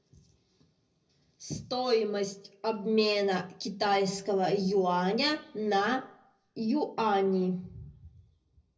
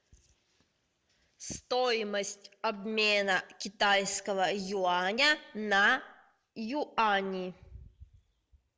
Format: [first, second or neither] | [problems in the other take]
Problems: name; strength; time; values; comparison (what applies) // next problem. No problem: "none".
second | room echo; dies away in 0.4 s